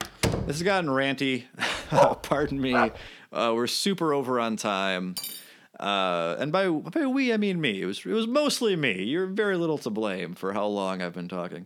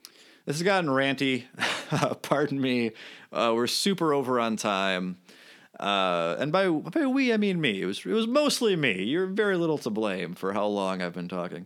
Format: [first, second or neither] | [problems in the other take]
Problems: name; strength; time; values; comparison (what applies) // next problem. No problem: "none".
second | door banging; noticeable; at the start; peak 1 dB below the speech // dog barking; loud; at 2 s; peak 4 dB above the speech // clattering dishes; noticeable; at 5 s; peak 7 dB below the speech